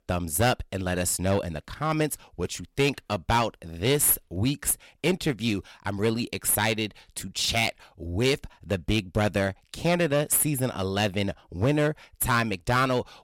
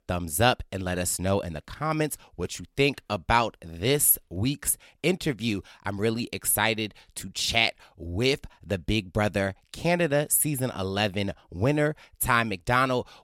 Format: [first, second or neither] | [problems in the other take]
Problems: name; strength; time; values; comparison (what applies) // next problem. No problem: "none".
second | distortion; slight; 4% of the sound clipped